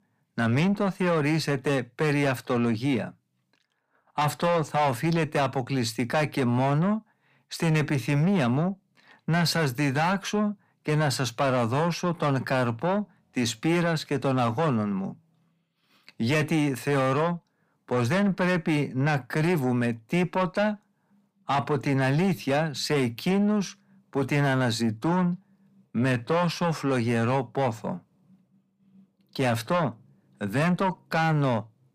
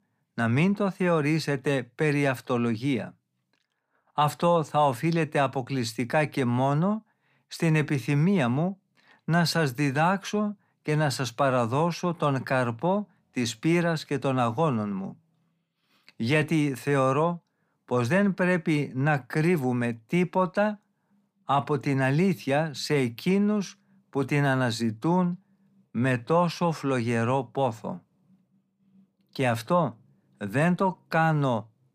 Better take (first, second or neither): second